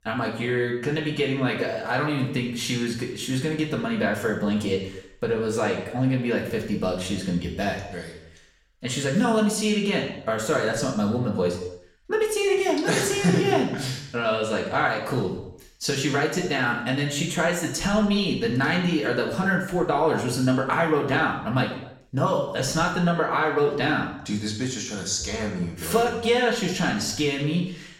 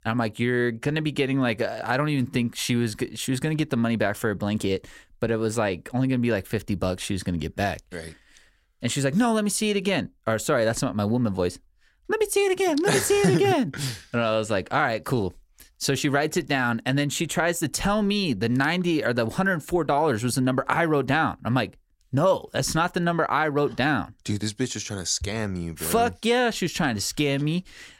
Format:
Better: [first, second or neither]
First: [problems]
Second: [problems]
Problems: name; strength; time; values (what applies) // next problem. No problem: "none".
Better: second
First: room echo; noticeable; dies away in 0.7 s // off-mic speech; far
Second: none